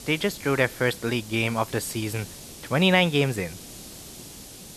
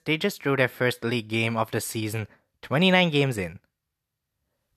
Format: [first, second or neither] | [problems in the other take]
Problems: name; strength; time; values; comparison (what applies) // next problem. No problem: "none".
second | hiss; noticeable; throughout; 15 dB below the speech